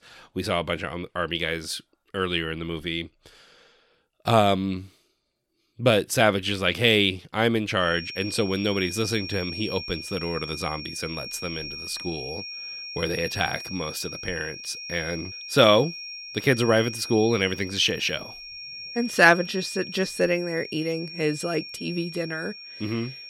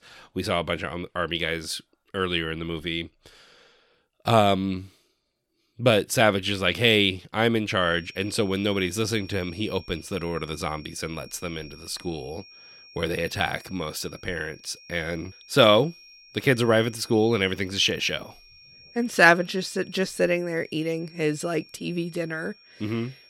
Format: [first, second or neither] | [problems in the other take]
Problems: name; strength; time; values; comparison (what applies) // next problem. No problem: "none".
second | high-pitched whine; loud; from 8 s on; 5.5 kHz, 10 dB below the speech; faint in the second